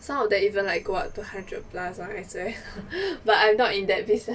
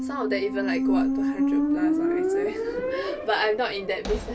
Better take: first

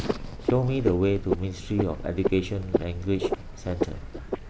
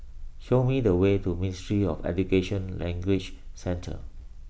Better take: second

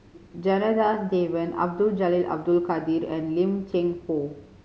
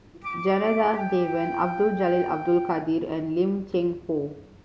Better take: first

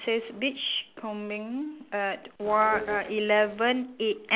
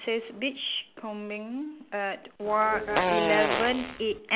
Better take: first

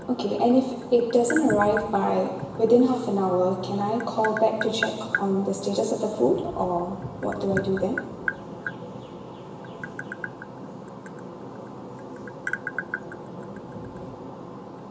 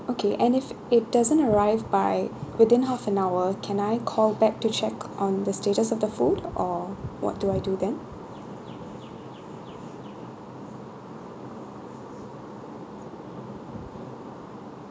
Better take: second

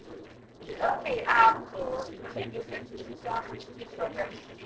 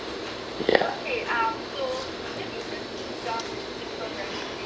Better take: second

